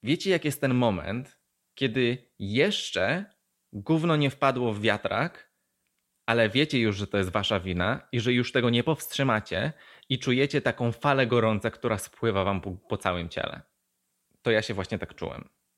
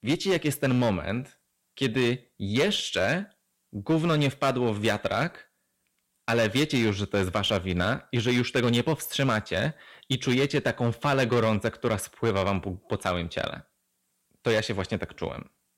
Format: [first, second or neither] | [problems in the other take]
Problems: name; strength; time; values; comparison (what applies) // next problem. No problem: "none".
first | distortion; slight; 7% of the sound clipped